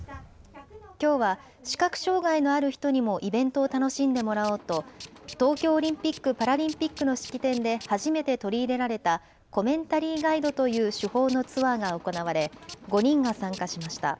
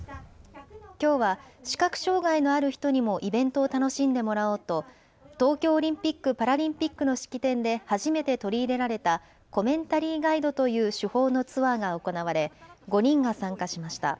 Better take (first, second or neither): second